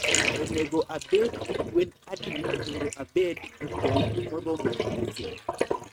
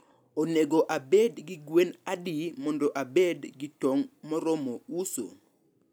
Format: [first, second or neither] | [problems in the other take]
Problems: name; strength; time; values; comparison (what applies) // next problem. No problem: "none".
second | noise reduction (neural mask model RNNoise)